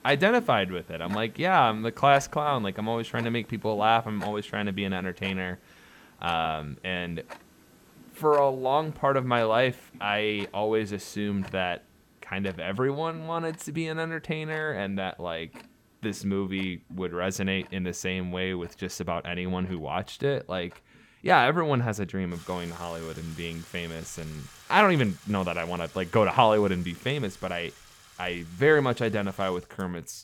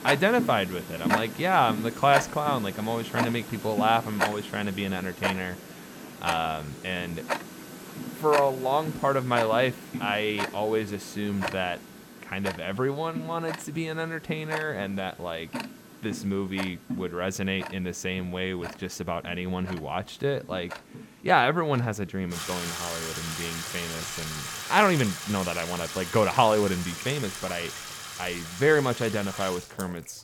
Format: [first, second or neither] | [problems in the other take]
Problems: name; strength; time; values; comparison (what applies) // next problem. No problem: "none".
first | household noises; loud; throughout; 7 dB below the speech; faint in the first